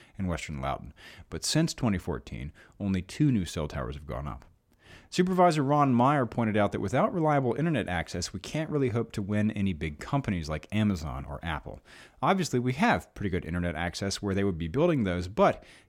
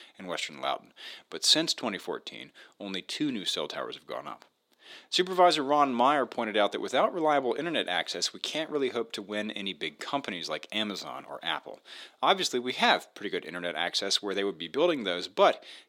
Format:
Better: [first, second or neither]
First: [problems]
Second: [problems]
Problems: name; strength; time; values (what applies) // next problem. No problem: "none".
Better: first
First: none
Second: thin; somewhat; fading below 300 Hz